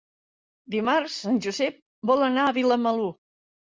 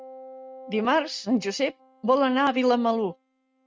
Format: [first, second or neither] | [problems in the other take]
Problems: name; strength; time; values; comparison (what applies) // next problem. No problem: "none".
first | noise reduction (neural mask model RNNoise)